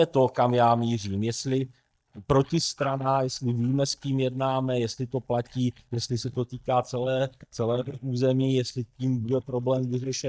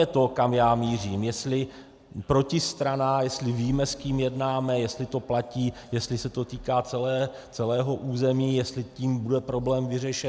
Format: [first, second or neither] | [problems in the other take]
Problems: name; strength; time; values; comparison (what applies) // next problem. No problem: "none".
second | noise reduction (neural mask model DeepFilterNet 3)